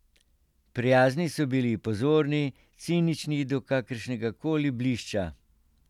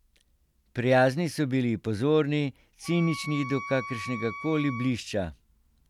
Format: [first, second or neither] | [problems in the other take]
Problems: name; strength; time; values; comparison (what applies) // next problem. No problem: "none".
first | background sound (Wind instrument, woodwind instrument); 12 dB below the speech